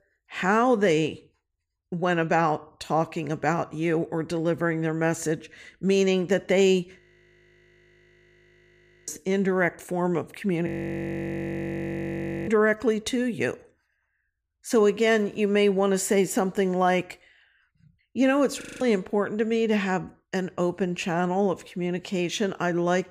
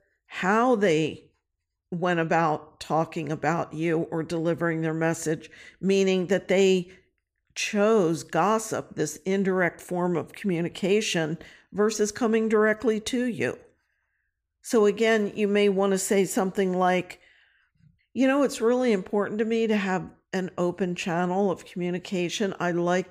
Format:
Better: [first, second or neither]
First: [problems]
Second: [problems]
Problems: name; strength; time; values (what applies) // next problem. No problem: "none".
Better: second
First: audio freezing; at 7 s for 2 s, at 11 s for 2 s and at 19 s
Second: none